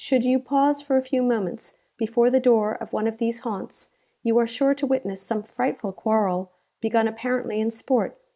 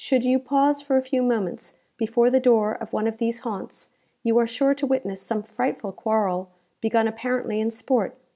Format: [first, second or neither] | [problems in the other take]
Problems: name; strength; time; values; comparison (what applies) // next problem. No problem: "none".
second | noise reduction (neural mask model Resemble Enhance denoiser)